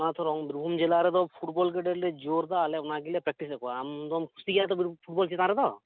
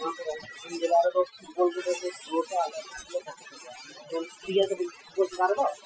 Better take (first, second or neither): first